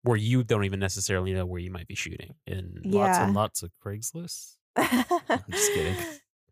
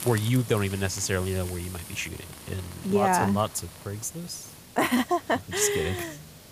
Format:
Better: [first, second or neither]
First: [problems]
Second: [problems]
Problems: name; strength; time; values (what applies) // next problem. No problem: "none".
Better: first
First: none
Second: hiss; noticeable; throughout; 15 dB below the speech